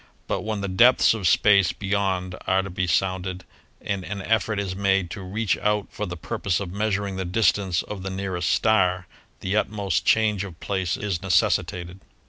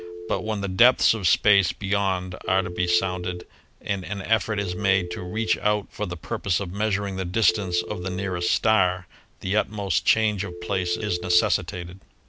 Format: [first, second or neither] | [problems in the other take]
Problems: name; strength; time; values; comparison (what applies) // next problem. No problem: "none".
first | background sound (Telephone); 14 dB below the speech